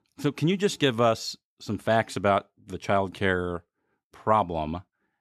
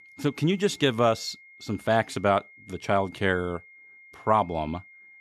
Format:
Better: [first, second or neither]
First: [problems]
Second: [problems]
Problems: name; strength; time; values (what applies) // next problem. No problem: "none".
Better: first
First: none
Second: high-pitched whine; faint; throughout; 2 kHz, 25 dB below the speech